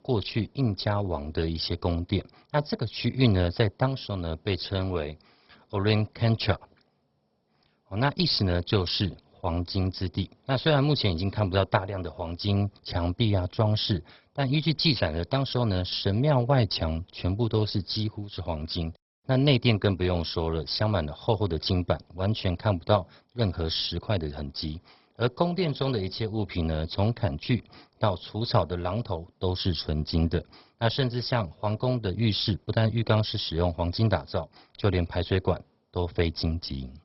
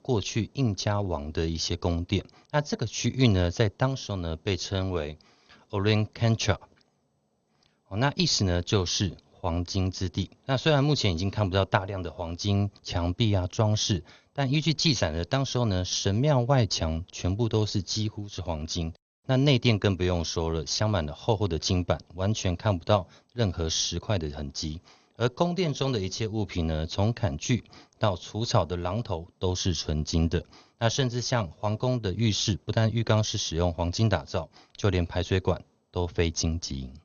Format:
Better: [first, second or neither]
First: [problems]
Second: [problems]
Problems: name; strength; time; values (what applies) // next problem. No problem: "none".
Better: second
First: garbled, watery; badly; nothing above 5.5 kHz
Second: garbled, watery; slightly; nothing above 6.5 kHz